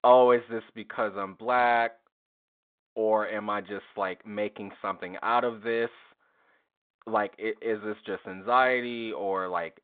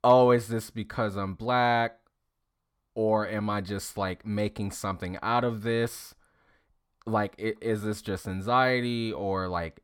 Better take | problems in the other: second | phone-call audio; nothing above 3.5 kHz

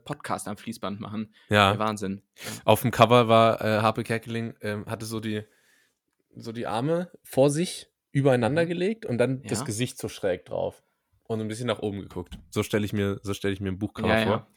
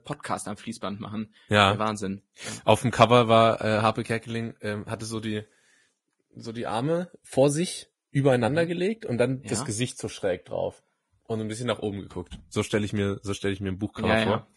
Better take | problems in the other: first | garbled, watery; badly; nothing above 10.5 kHz

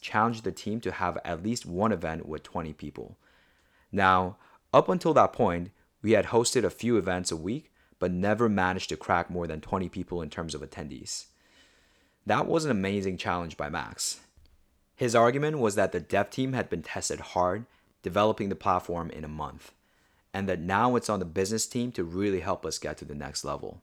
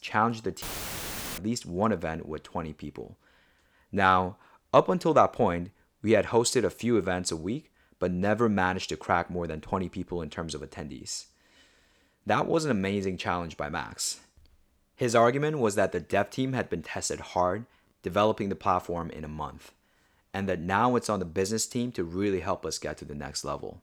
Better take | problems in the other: first | audio cutting out; filled with static; at 0.5 s for 1 s

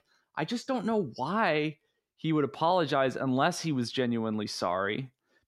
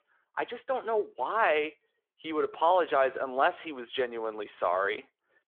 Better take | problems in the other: first | phone-call audio

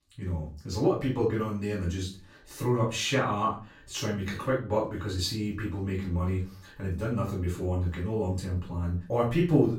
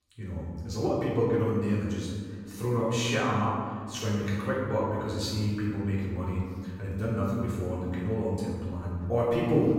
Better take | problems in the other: first | room echo; strong; dies away in 1.7 s; slight in the first // off-mic speech; far; far in the first

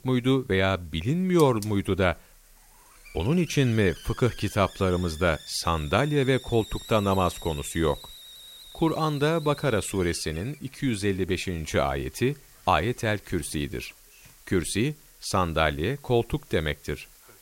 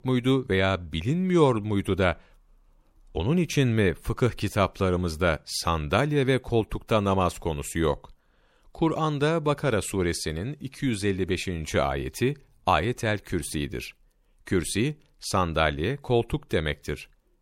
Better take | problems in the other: second | hiss; noticeable; throughout; 20 dB below the speech

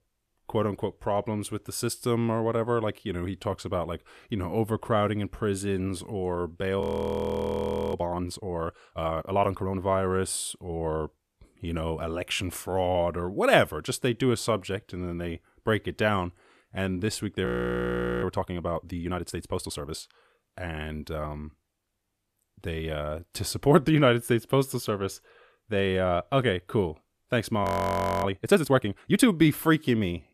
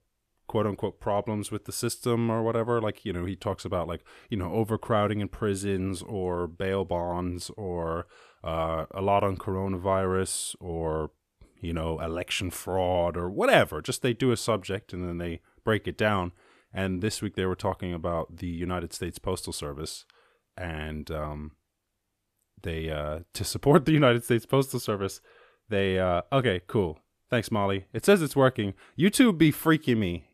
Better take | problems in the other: second | audio freezing; at 7 s for 1 s, at 17 s for 1 s and at 28 s for 0.5 s

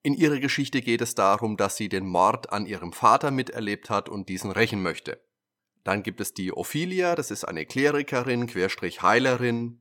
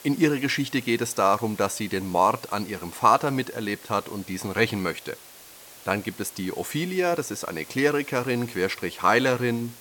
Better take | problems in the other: first | hiss; noticeable; throughout; 20 dB below the speech

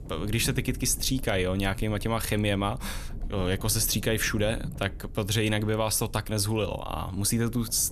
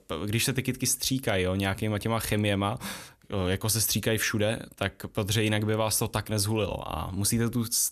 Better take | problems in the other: second | low rumble; faint; throughout; 25 dB below the speech

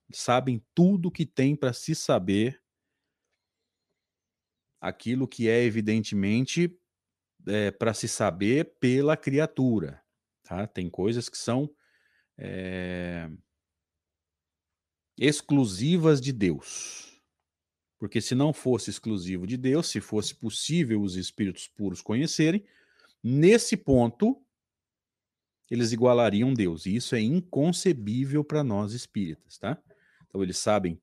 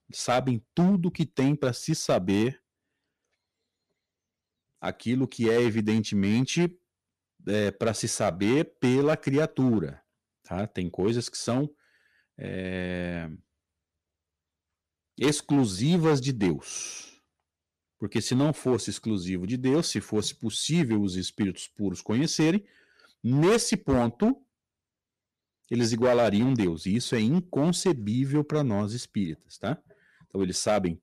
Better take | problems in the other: first | distortion; slight; 4% of the sound clipped

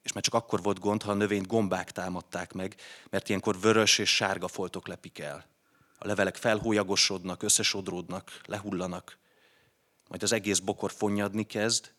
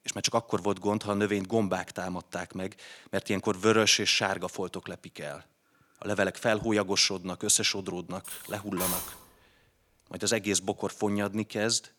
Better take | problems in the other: first | clattering dishes; noticeable; at 8 s; peak 2 dB below the speech

